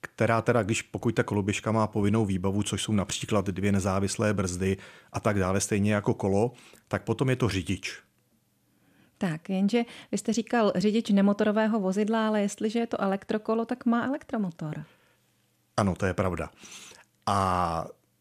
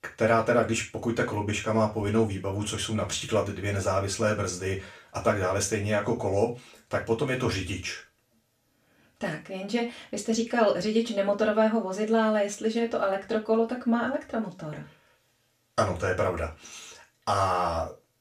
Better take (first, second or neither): first